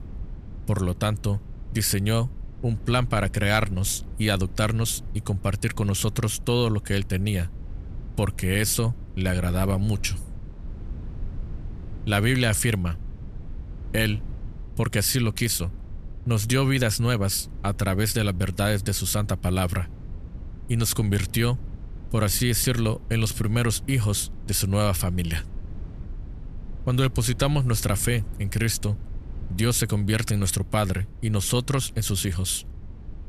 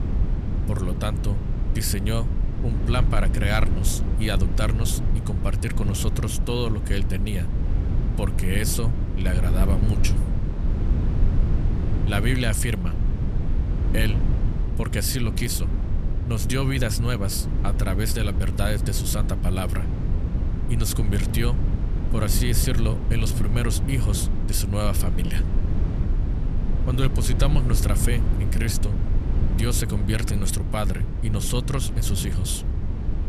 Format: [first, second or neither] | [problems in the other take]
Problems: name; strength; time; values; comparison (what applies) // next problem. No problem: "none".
first | low rumble; loud; throughout; 7 dB below the speech; faint in the first